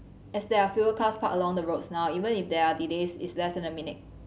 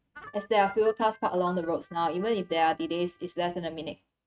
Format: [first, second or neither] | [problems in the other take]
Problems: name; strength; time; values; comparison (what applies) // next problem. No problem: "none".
first | noise reduction (neural mask model RNNoise)